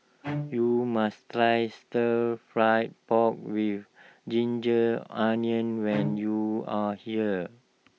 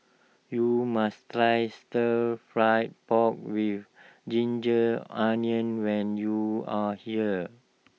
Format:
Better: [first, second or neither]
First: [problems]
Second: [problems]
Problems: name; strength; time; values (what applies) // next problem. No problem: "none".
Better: second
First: background sound (Bowed string instrument); 11 dB below the speech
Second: none